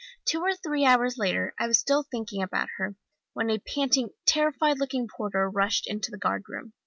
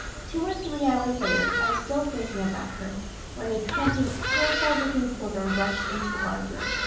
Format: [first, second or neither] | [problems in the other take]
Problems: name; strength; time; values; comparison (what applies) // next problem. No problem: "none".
first | background sound (Bird vocalization, bird call, bird song); 1 dB below the speech // room echo; dies away in 0.7 s